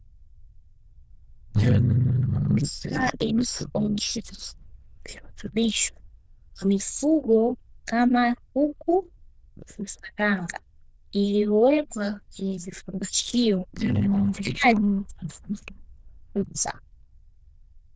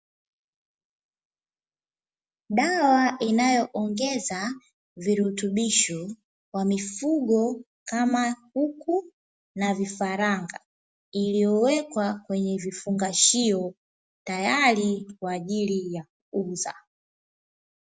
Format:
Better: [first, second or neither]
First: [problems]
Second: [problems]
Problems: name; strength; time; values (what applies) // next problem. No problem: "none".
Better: second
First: noise reduction (neural diffusion model UNIVERSE++)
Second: none